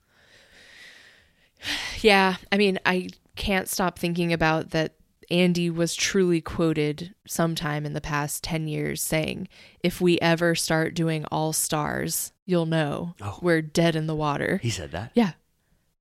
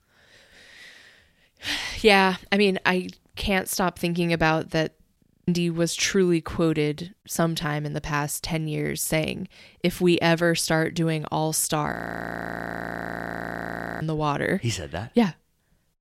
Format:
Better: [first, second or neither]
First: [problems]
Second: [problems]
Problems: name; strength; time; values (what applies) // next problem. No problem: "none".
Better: first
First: none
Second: audio freezing; at 5 s and at 12 s for 2 s